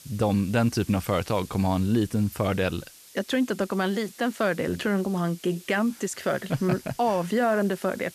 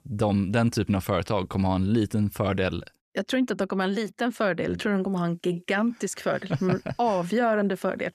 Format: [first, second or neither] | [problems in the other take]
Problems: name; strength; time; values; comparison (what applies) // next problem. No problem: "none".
second | hiss; faint; throughout; 20 dB below the speech